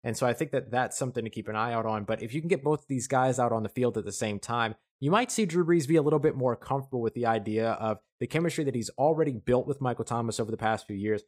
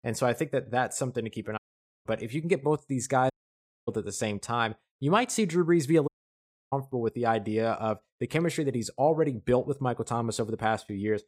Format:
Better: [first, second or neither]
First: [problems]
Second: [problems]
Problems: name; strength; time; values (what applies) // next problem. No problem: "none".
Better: first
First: none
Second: audio cutting out; at 1.5 s, at 3.5 s for 0.5 s and at 6 s for 0.5 s